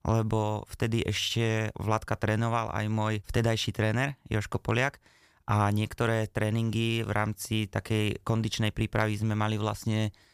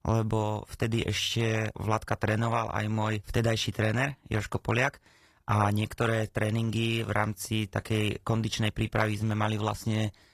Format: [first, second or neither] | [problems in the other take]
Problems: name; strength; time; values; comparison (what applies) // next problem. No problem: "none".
first | garbled, watery; slightly; nothing above 15 kHz